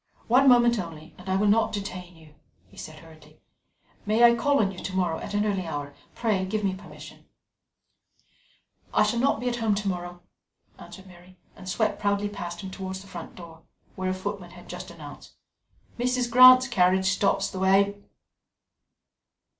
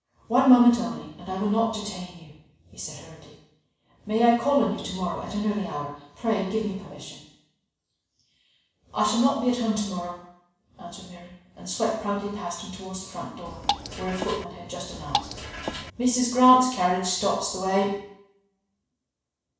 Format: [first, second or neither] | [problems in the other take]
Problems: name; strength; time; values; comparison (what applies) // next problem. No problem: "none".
first | background sound (Drip / Water); 5 dB below the speech // room echo; dies away in 0.7 s